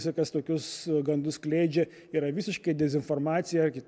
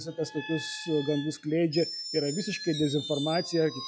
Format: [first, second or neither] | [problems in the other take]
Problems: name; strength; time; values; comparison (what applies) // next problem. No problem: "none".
first | noise reduction (classical method log-MMSE)